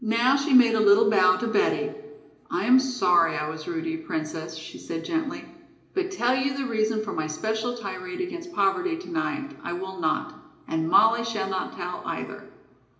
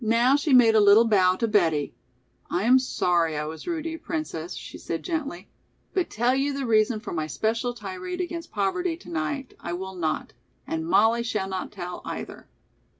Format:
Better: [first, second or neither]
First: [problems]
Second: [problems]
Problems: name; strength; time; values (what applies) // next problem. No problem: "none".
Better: second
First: room echo; dies away in 0.8 s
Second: none